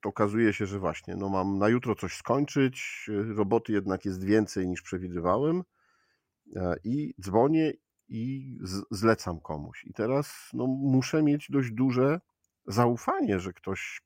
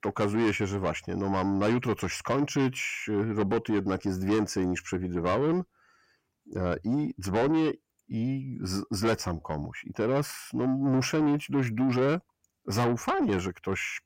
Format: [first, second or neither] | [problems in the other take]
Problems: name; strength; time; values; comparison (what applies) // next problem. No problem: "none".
first | distortion; heavy; 8 dB below the speech